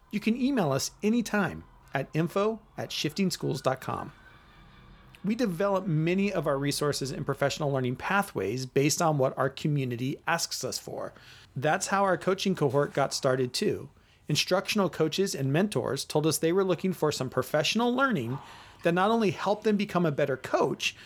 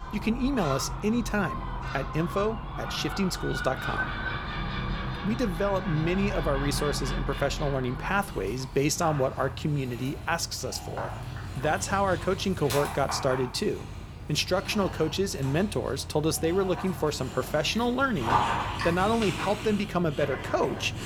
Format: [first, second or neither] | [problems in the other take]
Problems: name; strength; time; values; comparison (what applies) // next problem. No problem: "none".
first | animal sounds; loud; throughout; 6 dB below the speech; faint in the first